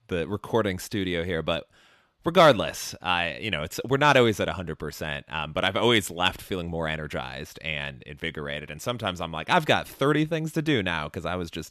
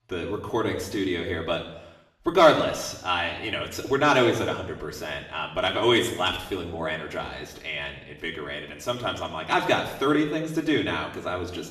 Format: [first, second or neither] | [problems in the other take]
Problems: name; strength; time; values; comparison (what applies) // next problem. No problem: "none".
first | room echo; slight; dies away in 0.8 s // off-mic speech; far